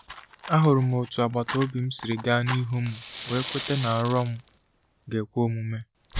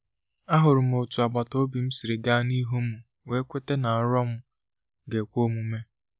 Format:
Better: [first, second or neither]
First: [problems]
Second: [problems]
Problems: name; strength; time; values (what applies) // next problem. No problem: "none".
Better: second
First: background sound (Fire); 12 dB below the speech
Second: none